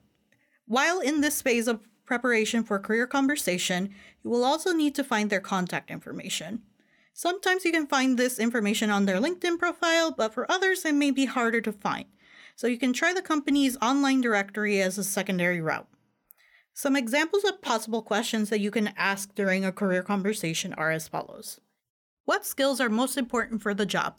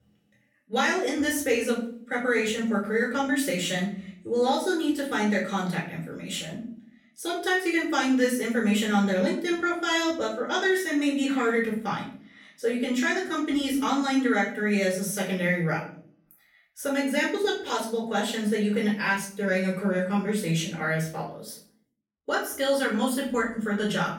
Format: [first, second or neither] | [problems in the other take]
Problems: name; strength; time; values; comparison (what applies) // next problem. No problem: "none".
first | off-mic speech; far // room echo; slight; dies away in 0.4 s